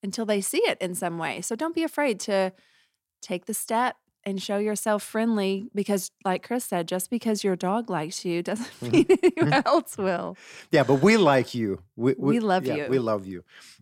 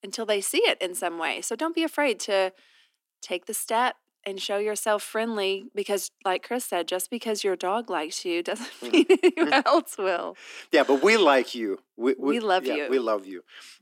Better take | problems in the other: first | thin; very slightly; fading below 250 Hz

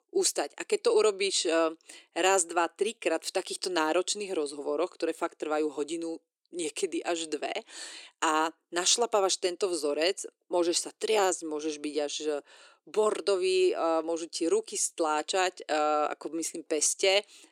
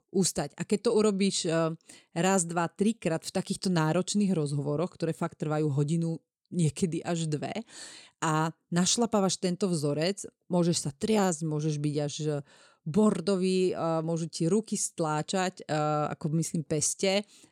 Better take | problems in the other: second | thin; very; fading below 350 Hz

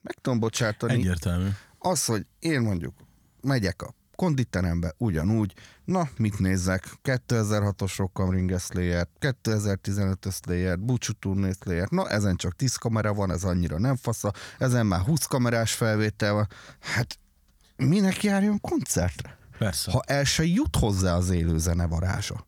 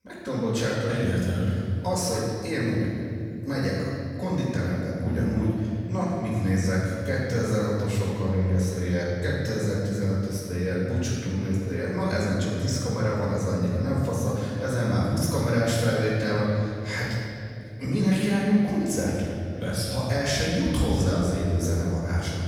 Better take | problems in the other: first | off-mic speech; far // room echo; strong; dies away in 2.3 s

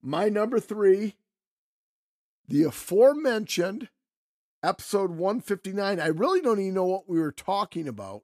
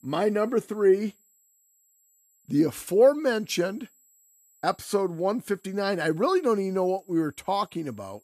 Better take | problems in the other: first | high-pitched whine; faint; throughout; 7.5 kHz, 35 dB below the speech

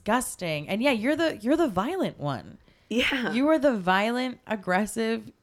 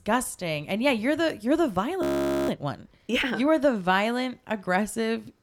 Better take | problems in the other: first | audio freezing; at 2 s

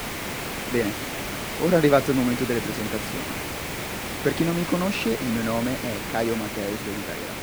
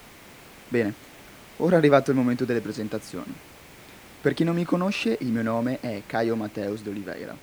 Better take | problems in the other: second | hiss; loud; throughout; 5 dB below the speech; faint in the second

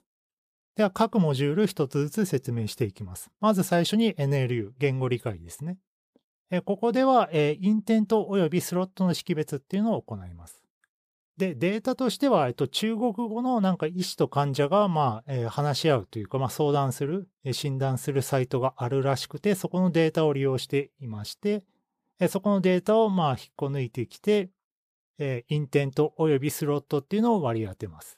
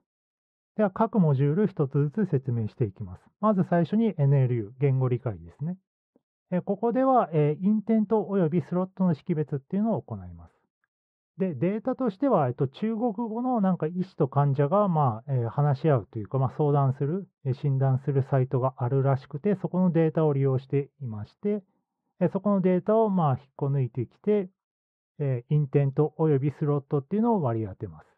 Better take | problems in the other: first | muffled; very; fading above 1 kHz

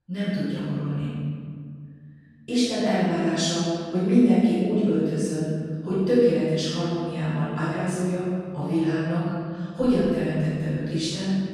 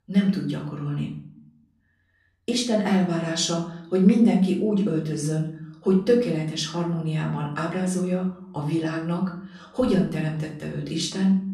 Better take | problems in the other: second | room echo; strong; dies away in 2 s; slight in the second // off-mic speech; far; far in the second

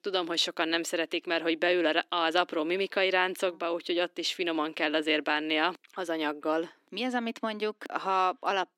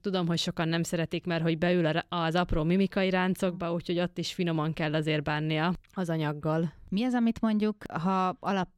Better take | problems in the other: second | thin; very; fading below 300 Hz

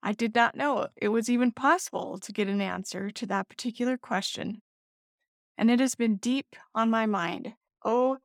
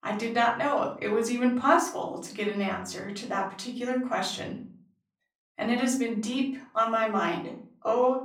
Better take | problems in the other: first | off-mic speech; far // room echo; slight; dies away in 0.4 s

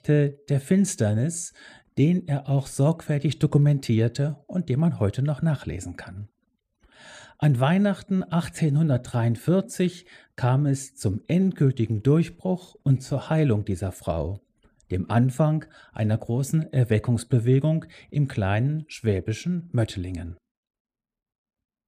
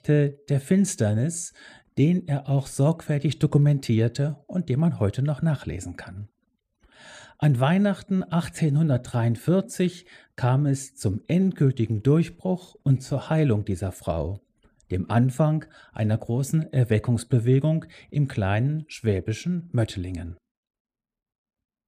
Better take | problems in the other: neither | none

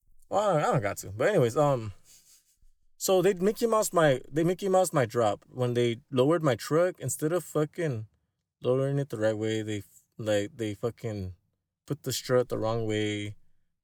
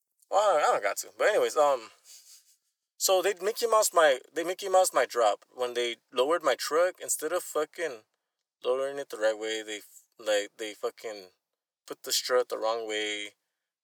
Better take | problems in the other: first | thin; very; fading below 550 Hz

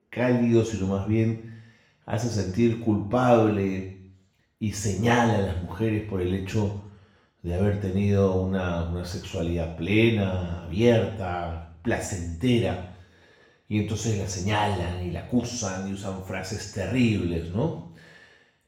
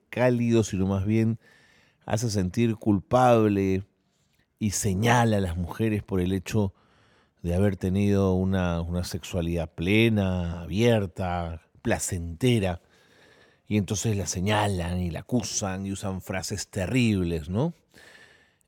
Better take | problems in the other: second | room echo; noticeable; dies away in 0.6 s // off-mic speech; far

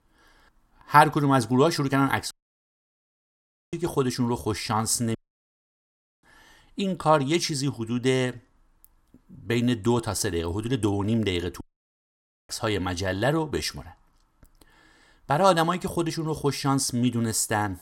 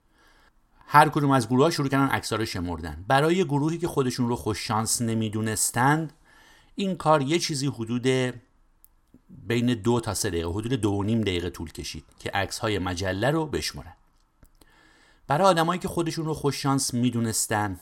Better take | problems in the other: second | audio cutting out; at 2.5 s for 1.5 s, at 5 s for 1 s and at 12 s for 1 s

